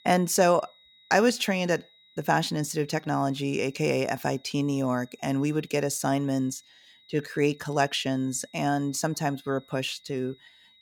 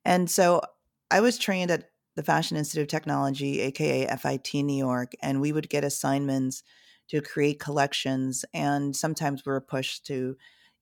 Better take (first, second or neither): second